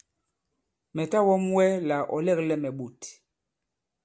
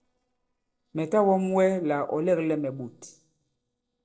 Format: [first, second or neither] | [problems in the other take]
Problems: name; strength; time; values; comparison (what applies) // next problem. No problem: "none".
first | noise reduction (neural separator model SepFormer DNS4)